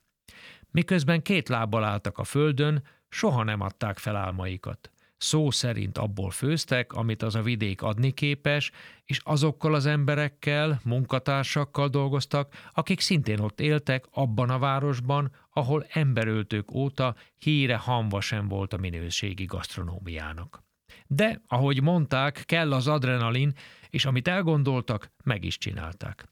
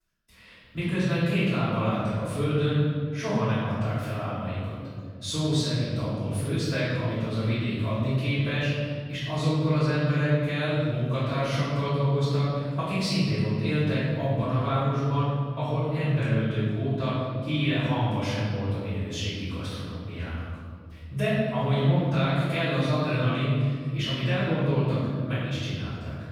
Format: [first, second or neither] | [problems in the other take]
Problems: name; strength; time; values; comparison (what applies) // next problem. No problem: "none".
first | off-mic speech; far // room echo; strong; dies away in 2.3 s